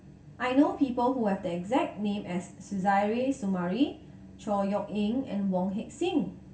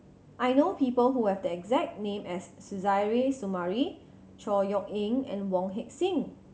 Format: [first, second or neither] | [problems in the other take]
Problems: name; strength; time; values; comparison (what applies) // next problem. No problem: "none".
second | room echo; dies away in 0.2 s